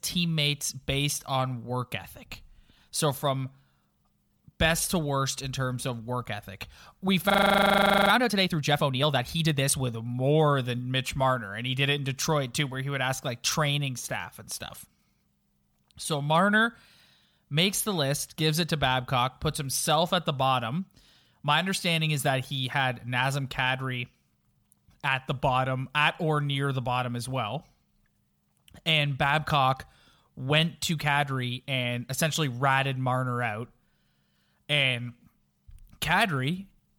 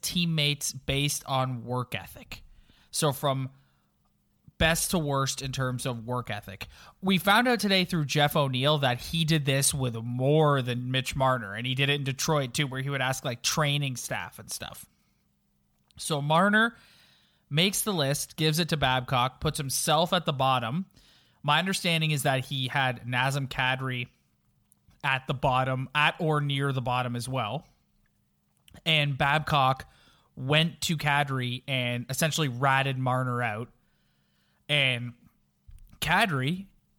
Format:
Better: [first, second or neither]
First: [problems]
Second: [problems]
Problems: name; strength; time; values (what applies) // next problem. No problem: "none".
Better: second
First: audio freezing; at 7.5 s for 1 s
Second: none